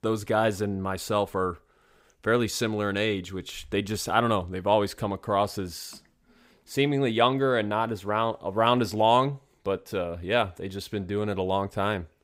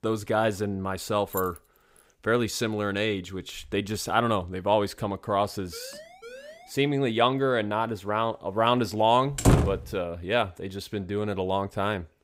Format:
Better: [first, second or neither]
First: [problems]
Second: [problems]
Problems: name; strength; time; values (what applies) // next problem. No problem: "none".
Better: first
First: none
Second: jangling keys; faint; at 1.5 s; peak 10 dB below the speech // siren; faint; at 5.5 s; peak 15 dB below the speech // door banging; loud; at 9.5 s; peak 5 dB above the speech